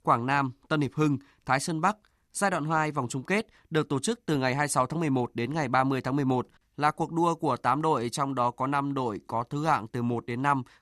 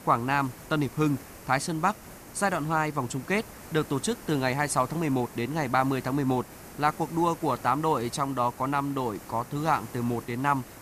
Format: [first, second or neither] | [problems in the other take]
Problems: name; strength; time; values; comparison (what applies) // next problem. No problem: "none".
first | hiss; noticeable; throughout; 15 dB below the speech